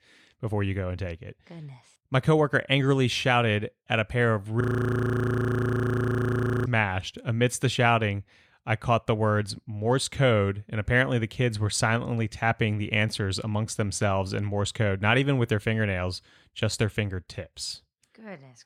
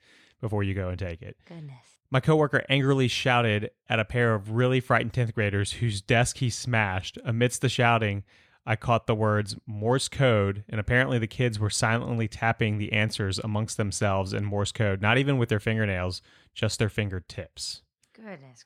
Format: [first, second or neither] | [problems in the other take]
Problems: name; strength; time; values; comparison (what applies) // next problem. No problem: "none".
second | audio freezing; at 4.5 s for 2 s